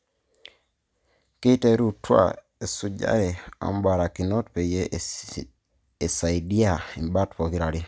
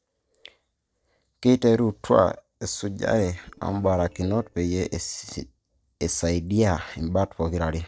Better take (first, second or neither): first